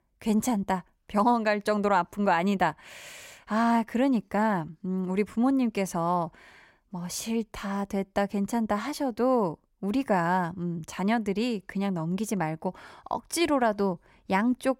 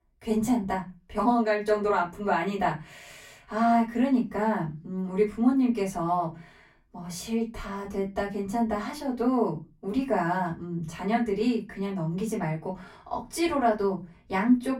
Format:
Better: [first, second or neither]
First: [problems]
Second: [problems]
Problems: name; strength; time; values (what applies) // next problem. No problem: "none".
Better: first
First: none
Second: off-mic speech; far // room echo; very slight; dies away in 0.3 s